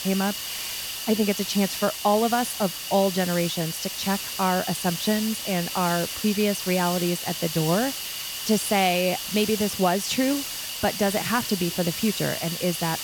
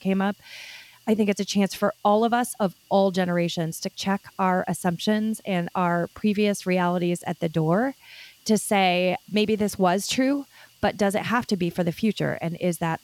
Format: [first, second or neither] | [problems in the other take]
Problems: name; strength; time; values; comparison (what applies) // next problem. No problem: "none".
second | hiss; loud; throughout; 4 dB below the speech; faint in the second